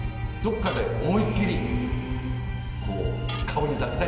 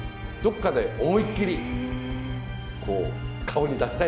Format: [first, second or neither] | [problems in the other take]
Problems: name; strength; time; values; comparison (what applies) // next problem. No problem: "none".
second | background sound (Tools); 16 dB below the speech // room echo; dies away in 2.9 s